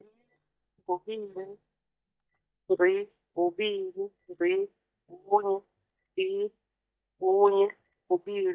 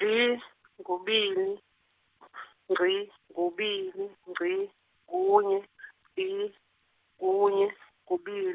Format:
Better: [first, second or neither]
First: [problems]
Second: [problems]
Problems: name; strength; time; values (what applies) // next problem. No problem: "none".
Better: second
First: noise reduction (neural mask model DeepFilterNet 3)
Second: none